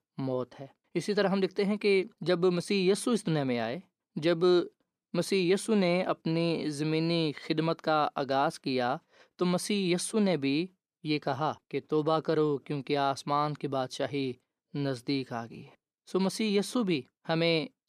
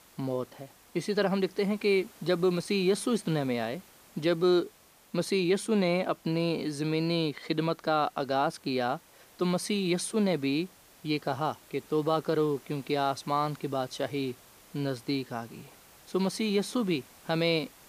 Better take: first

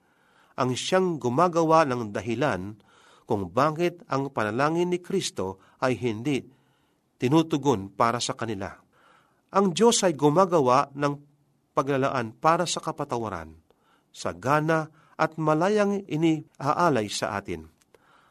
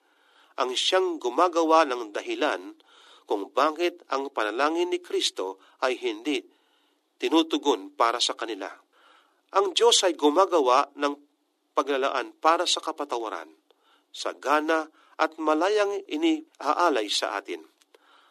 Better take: first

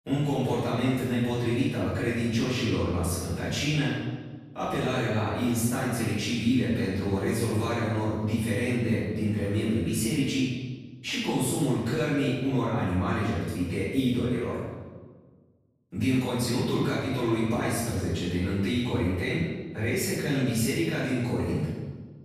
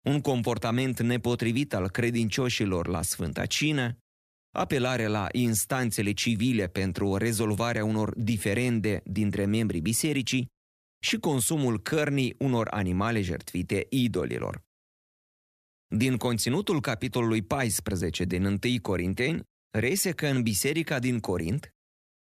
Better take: second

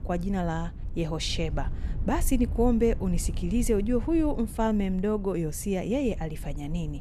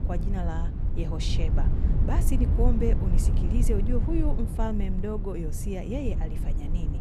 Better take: first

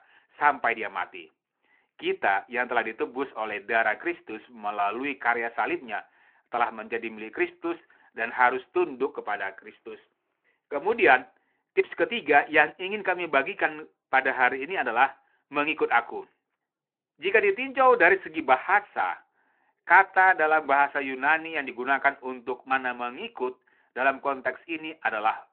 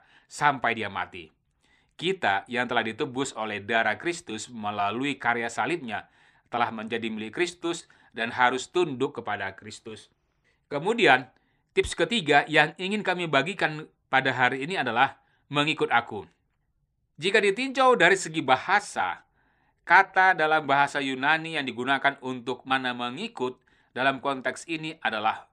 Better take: second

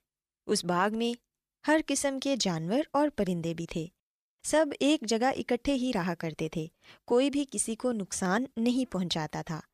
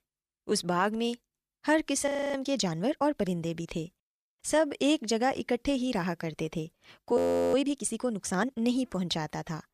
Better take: first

